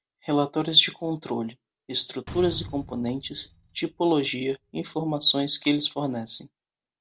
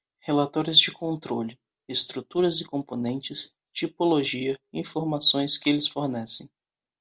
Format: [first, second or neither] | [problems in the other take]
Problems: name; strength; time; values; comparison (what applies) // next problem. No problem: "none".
second | background sound (Slam); 17 dB below the speech